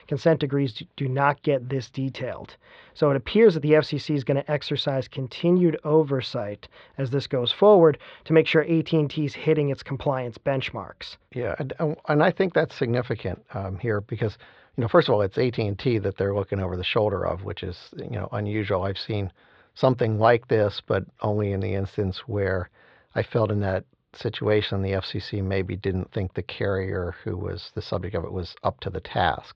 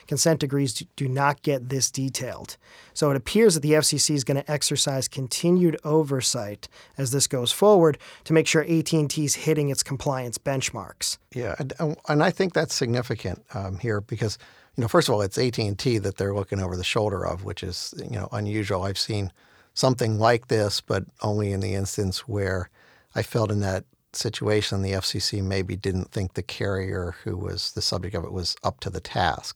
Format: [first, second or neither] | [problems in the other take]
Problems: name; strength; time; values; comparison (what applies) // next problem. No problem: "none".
second | muffled; very; fading above 3.5 kHz